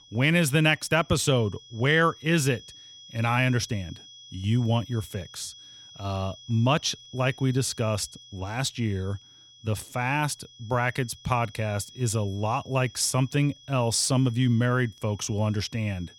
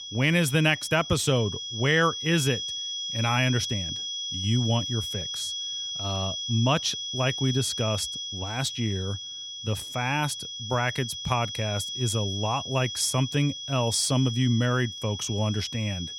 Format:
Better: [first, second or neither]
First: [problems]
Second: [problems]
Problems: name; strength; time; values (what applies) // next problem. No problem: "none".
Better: first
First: high-pitched whine; faint; throughout; 3.5 kHz, 20 dB below the speech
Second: high-pitched whine; loud; throughout; 3.5 kHz, 5 dB below the speech